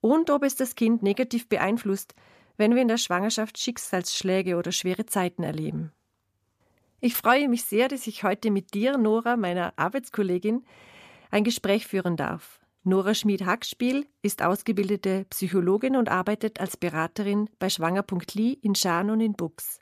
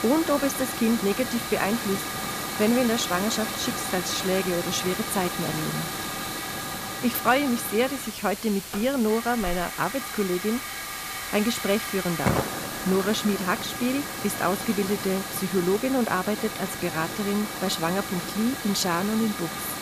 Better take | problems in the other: first | hiss; loud; throughout; 4 dB below the speech

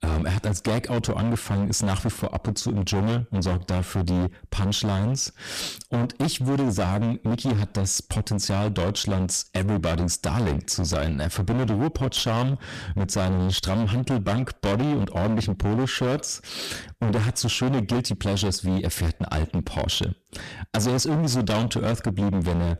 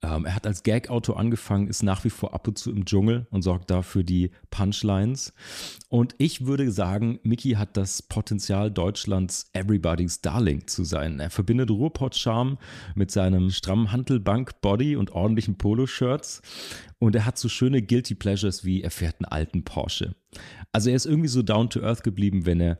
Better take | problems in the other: second | distortion; heavy; 26% of the sound clipped

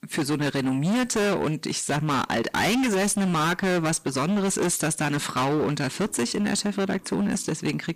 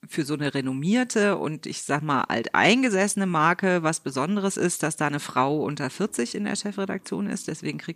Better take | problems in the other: second | distortion; heavy; 27% of the sound clipped

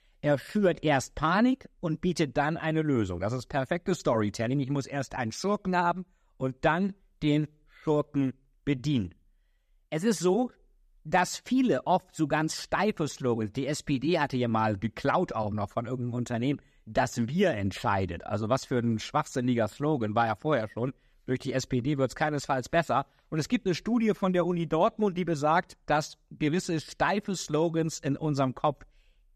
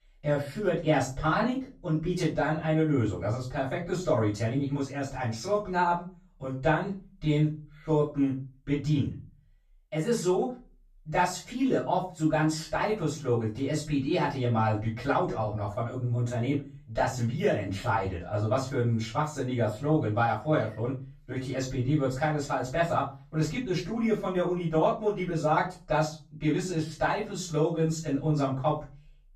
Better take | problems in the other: first | off-mic speech; far // room echo; slight; dies away in 0.3 s

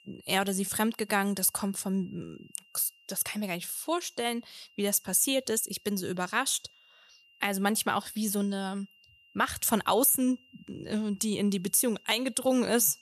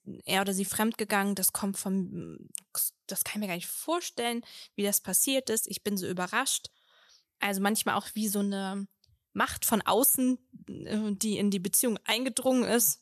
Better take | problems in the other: second | high-pitched whine; faint; throughout; 3 kHz, 30 dB below the speech

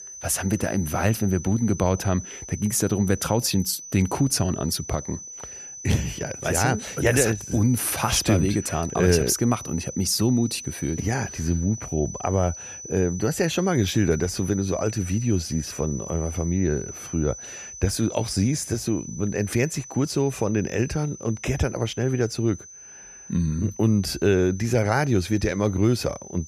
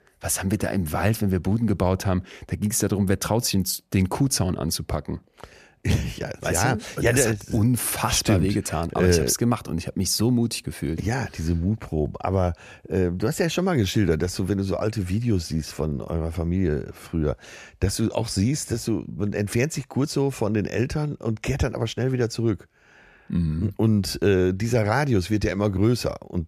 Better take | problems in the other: second | high-pitched whine; noticeable; throughout; 6 kHz, 15 dB below the speech

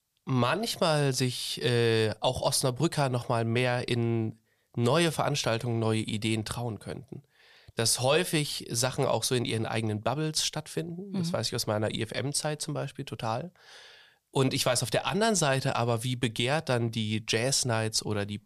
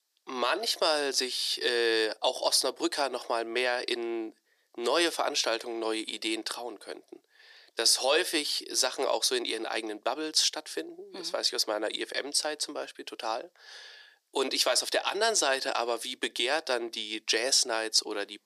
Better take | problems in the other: first | thin; very; fading below 300 Hz

